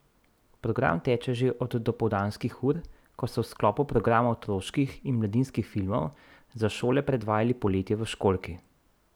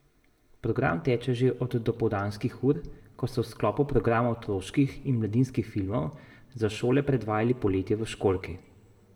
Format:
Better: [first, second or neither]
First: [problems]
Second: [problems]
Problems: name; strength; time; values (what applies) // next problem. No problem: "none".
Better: first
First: none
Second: room echo; dies away in 0.9 s